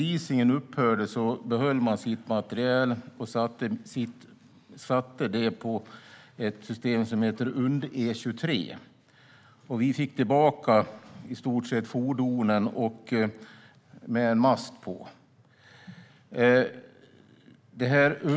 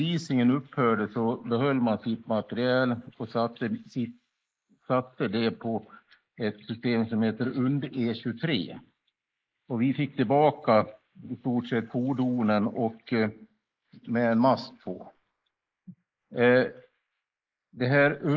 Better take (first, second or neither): first